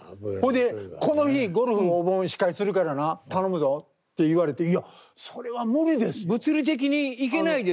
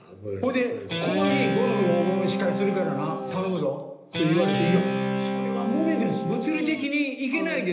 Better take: first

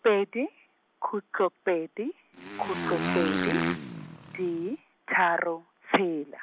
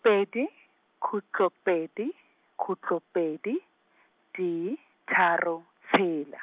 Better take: second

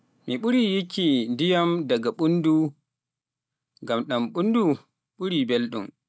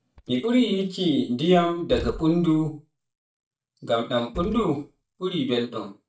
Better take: first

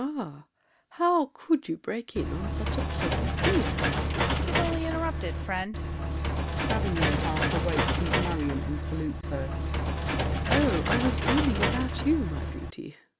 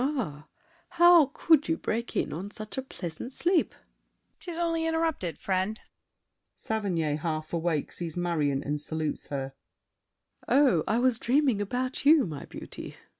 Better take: second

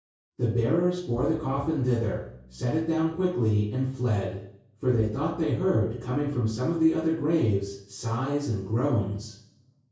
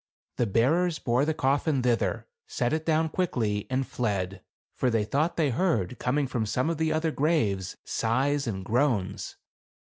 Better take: second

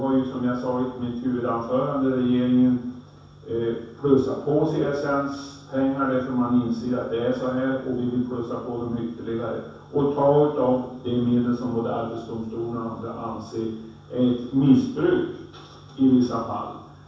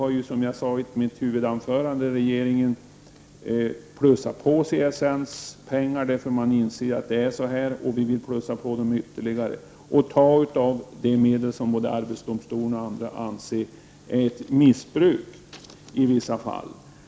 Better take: second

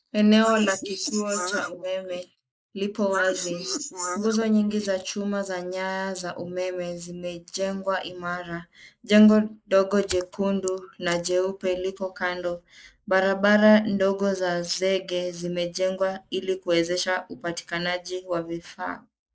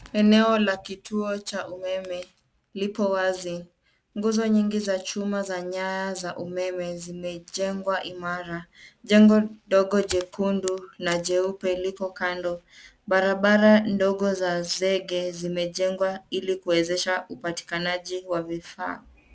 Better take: second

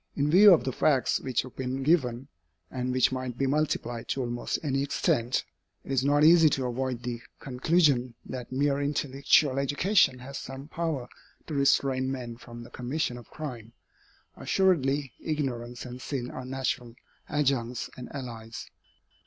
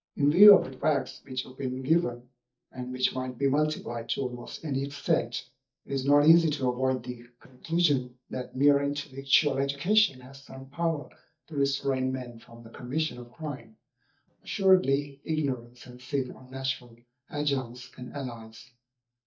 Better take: first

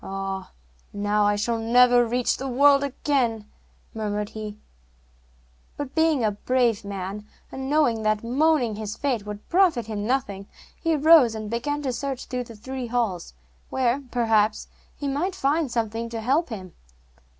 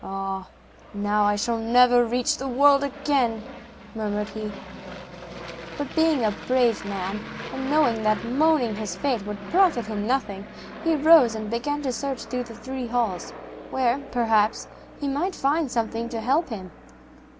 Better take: first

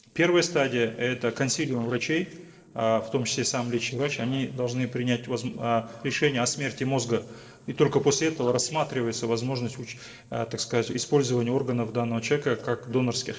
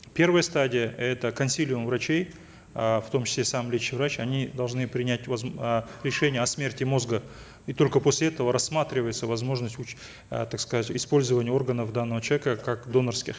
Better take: second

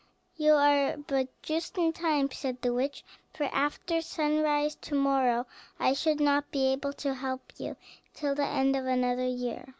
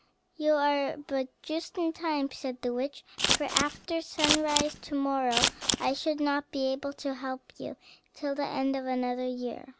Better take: first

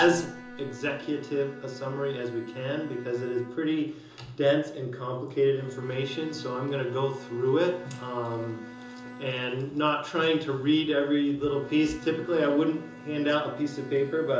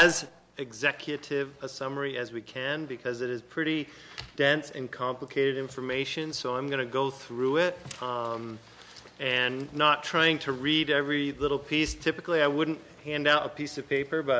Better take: second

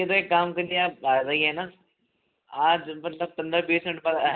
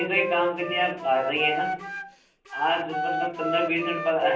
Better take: first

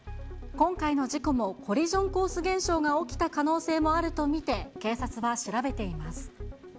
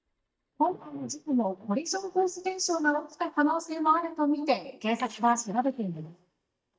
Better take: first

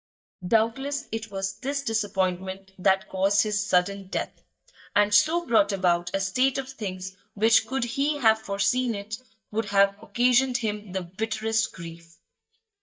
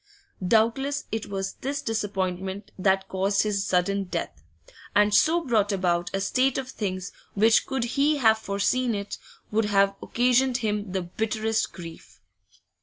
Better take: second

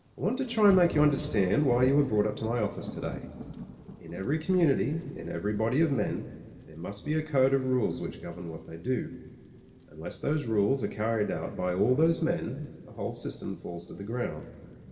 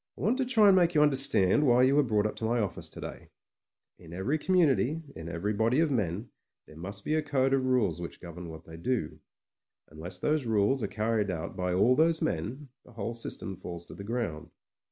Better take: second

